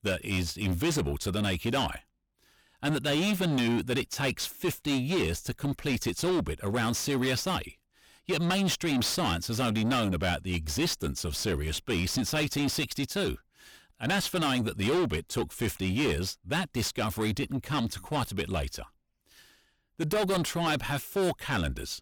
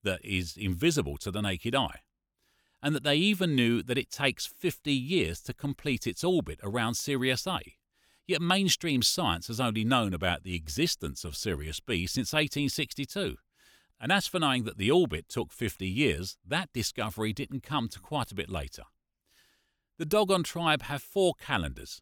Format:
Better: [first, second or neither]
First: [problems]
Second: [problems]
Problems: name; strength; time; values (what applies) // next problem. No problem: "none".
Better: second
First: distortion; heavy; 6 dB below the speech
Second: none